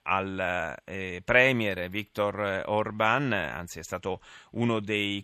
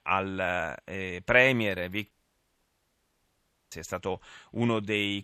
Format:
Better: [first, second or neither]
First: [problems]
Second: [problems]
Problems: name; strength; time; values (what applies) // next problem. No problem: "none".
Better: first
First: none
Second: audio cutting out; at 2 s for 1.5 s